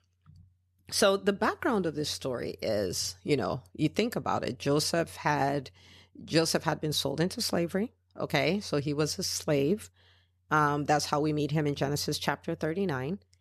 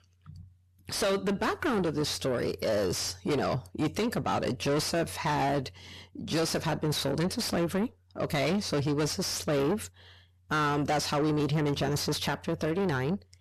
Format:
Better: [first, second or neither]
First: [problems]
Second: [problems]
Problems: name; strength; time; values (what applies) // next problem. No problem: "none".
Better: first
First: none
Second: distortion; heavy; 6 dB below the speech